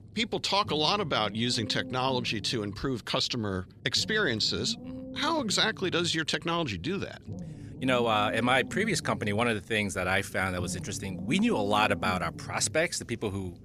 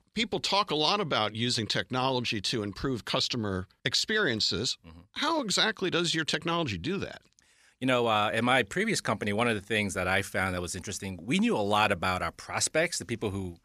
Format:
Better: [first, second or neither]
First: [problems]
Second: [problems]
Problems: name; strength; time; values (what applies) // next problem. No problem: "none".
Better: second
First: low rumble; noticeable; throughout; 20 dB below the speech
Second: none